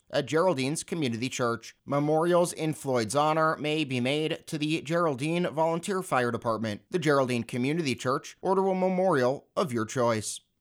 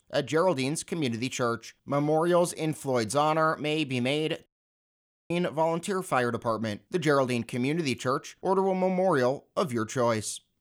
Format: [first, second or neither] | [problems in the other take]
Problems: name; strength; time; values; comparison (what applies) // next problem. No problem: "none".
first | audio cutting out; at 4.5 s for 1 s